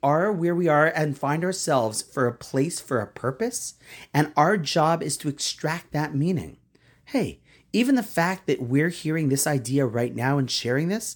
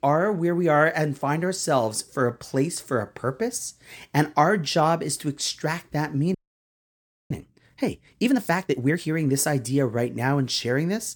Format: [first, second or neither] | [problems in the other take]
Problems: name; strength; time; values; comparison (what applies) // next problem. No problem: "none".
first | audio freezing; at 6.5 s for 1 s